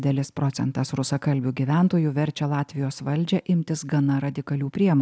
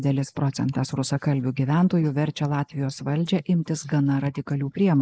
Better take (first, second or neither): first